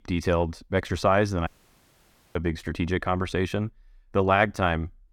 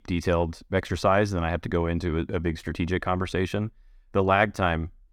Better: second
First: audio cutting out; at 1.5 s for 1 s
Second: none

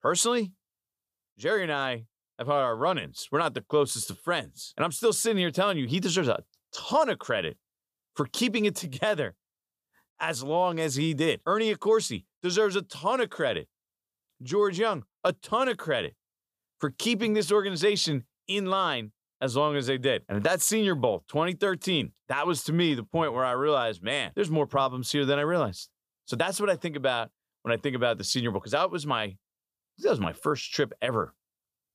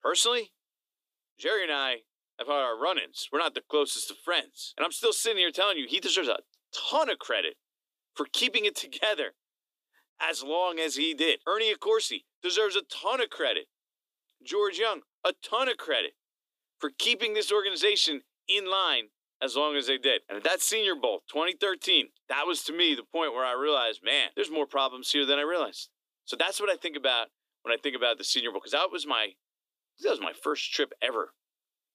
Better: first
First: none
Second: thin; somewhat; fading below 300 Hz

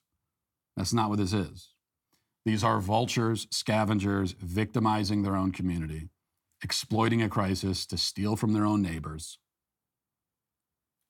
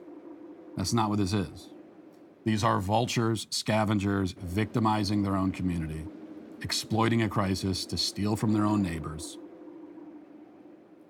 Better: first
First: none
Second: wind noise on the microphone; occasional gusts; 20 dB below the speech

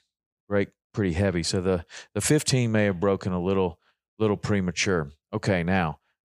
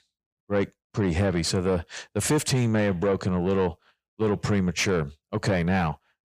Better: first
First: none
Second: distortion; slight; 10 dB below the speech

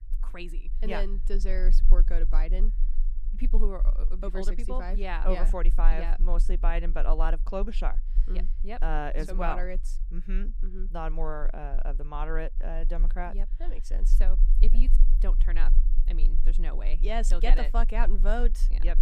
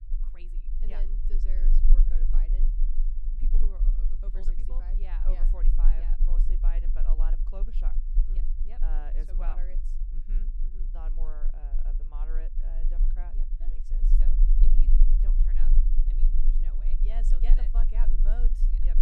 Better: first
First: low rumble; faint; throughout; 20 dB below the speech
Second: low rumble; loud; throughout; 5 dB below the speech

